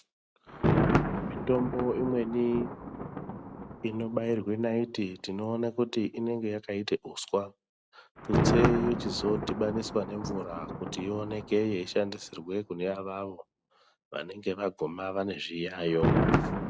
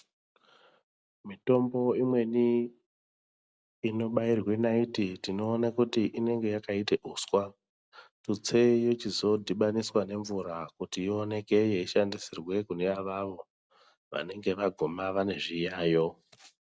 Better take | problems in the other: second | background sound (Thunder); 1 dB below the speech

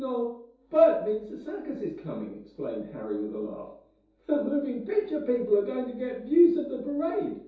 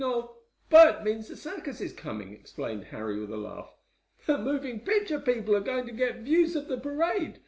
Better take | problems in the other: second | room echo; dies away in 0.6 s

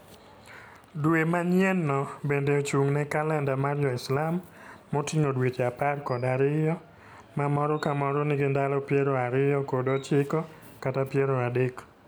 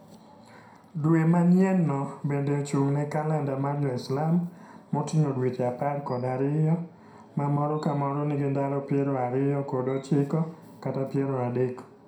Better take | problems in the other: first | room echo; dies away in 0.4 s

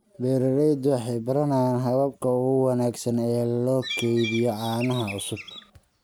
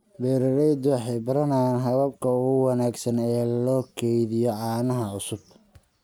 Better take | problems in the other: second | background sound (Bird); 12 dB below the speech

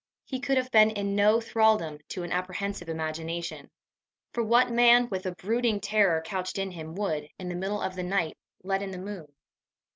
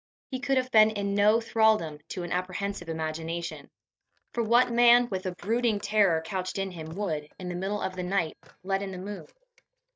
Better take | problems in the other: first | noise reduction (neural mask model DeepFilterNet 3)

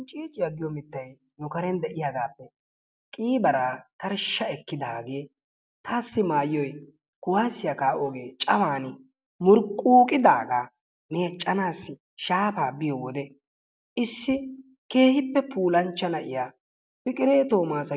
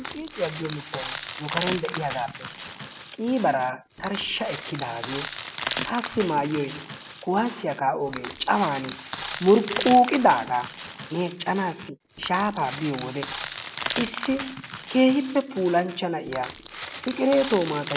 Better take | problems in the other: first | background sound (Crushing); 10 dB below the speech

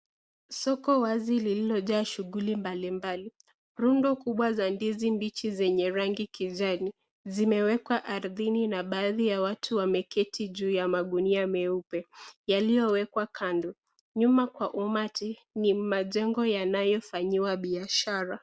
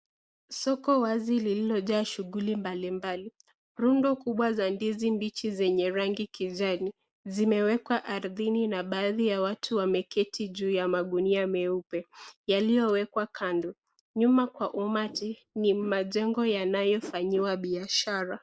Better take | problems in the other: first | noise reduction (neural mask model Resemble Enhance denoiser)

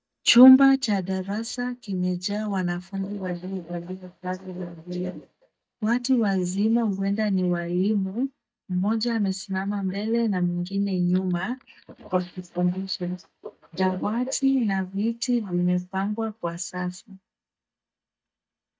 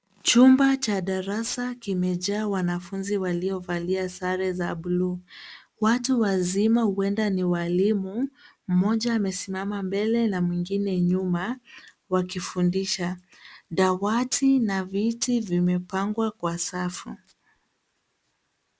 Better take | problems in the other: second | noise reduction (neural mask model DeepFilterNet 3)

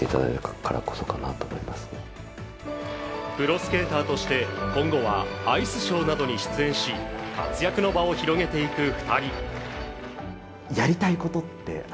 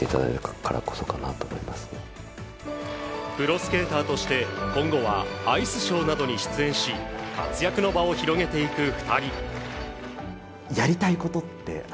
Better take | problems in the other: second | room echo; dies away in 1.1 s

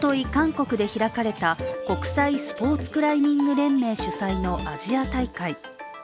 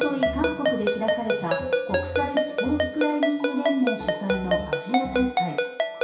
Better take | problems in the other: first | background sound (Ringtone); 1 dB above the speech // room echo; dies away in 0.6 s

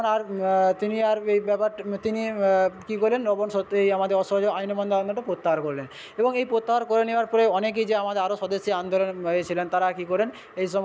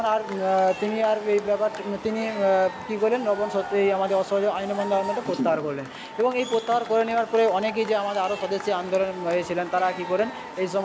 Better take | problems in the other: first | background sound (Crowd / Cheering); 11 dB below the speech

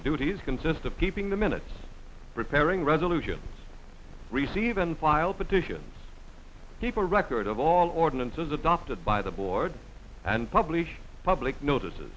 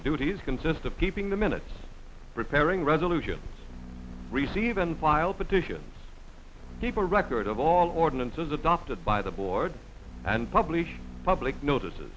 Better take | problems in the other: first | background sound (Bowed string instrument); 16 dB below the speech

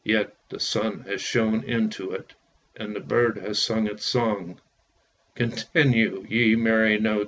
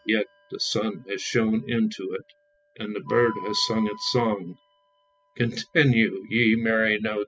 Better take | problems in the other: first | noise reduction (classical method spectral subtraction)

